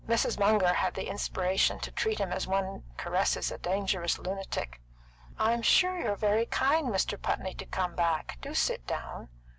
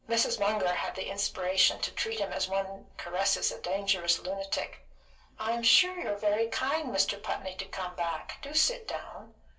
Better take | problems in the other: first | room echo; dies away in 0.3 s

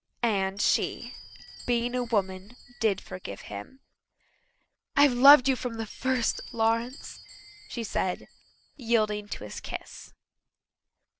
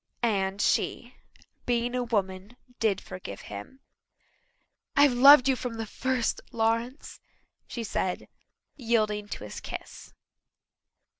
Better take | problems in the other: second | background sound (Glass); 19 dB below the speech

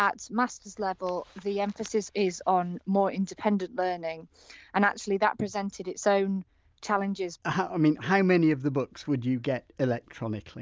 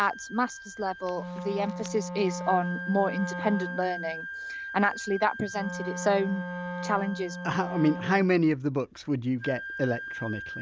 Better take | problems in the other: first | background sound (Wind instrument, woodwind instrument + Wind instrument, woodwind instrument); 8 dB below the speech

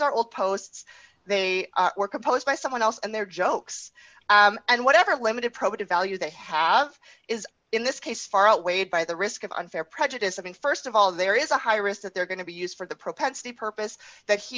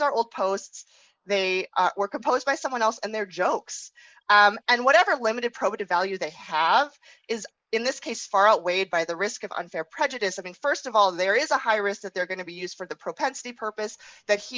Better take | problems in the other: first | noise reduction (neural mask model Resemble Enhance denoiser)

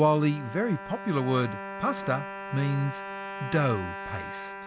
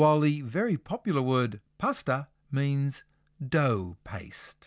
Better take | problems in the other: second | background sound (Bowed string instrument); 9 dB below the speech

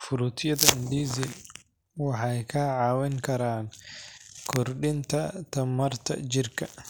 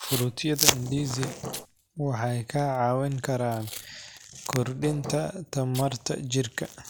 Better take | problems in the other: first | background sound (Packing tape, duct tape / Tearing + Hammer); 14 dB below the speech

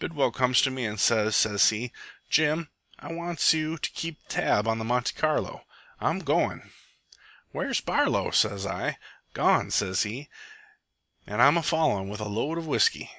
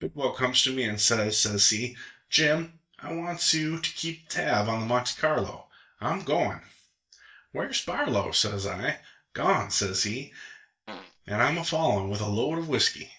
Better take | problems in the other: first | noise reduction (neural mask model DeepFilterNet 3)

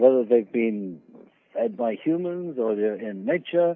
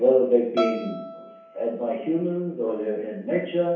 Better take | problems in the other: first | background sound (Bowed string instrument); 11 dB below the speech // room echo; dies away in 0.7 s

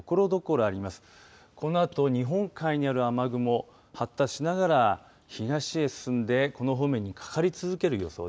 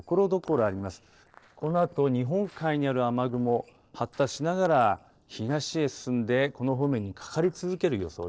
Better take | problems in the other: first | noise reduction (neural separator model SepFormer DNS4)

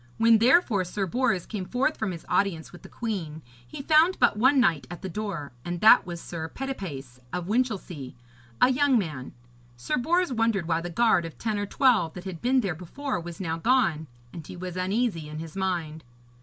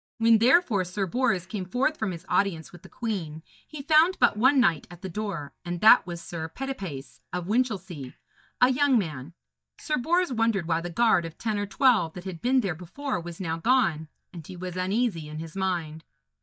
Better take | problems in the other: first | noise reduction (neural mask model DeepFilterNet 3)

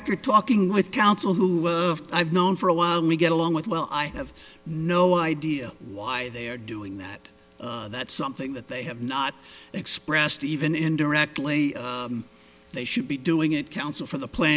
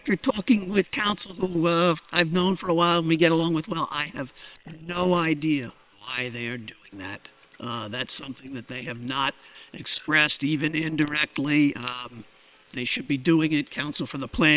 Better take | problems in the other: first | noise reduction (neural separator model SepFormer WHAM!)

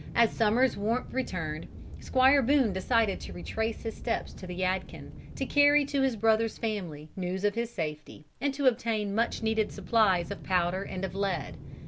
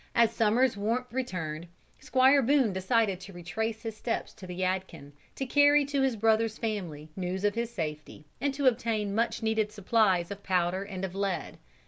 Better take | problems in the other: second | background sound (Aircraft); 13 dB below the speech

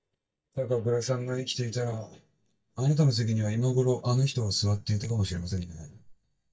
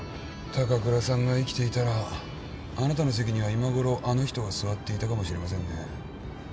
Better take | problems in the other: second | noise reduction (neural mask model DeepFilterNet 3)

